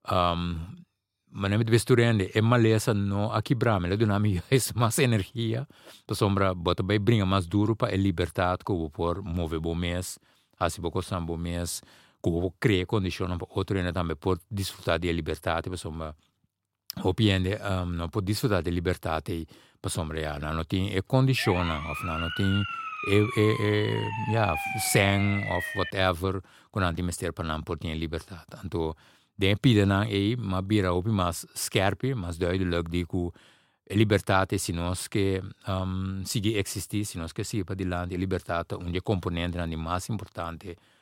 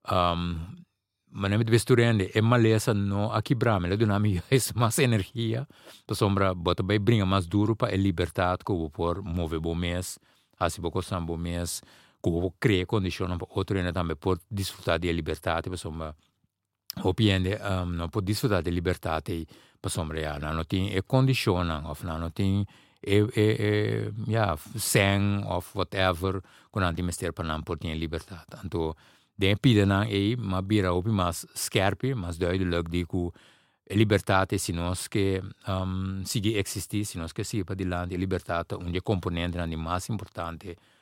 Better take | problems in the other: second | siren; noticeable; from 21 to 26 s; peak 3 dB below the speech

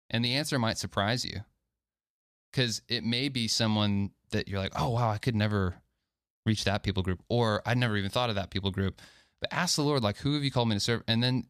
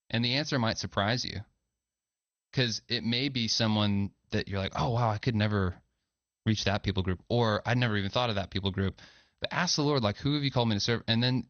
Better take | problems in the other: first | garbled, watery; slightly; nothing above 6.5 kHz

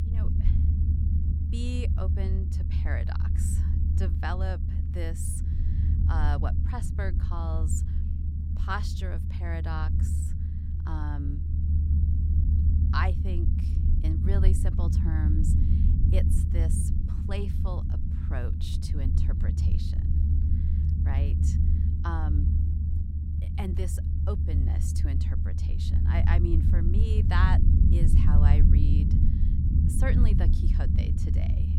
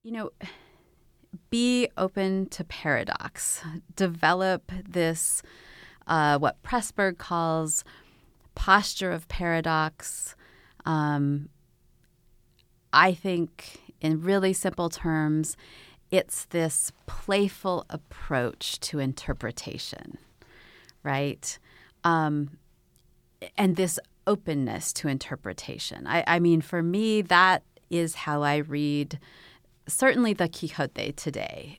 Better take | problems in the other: second | low rumble; loud; throughout; 3 dB below the speech

